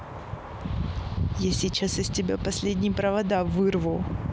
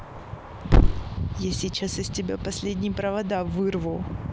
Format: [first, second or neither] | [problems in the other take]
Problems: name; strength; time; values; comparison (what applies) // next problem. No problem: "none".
first | background sound (Thump, thud); 2 dB above the speech